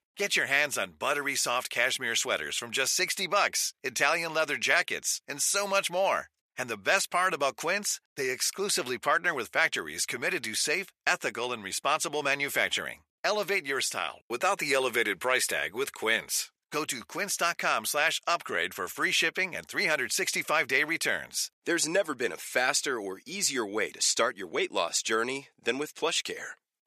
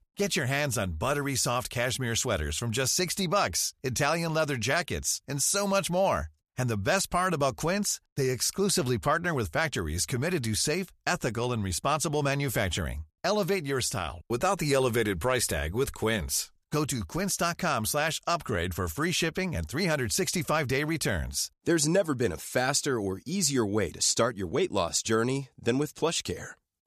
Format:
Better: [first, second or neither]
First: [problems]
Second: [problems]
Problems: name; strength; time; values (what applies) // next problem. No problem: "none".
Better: second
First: thin; somewhat; fading below 350 Hz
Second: none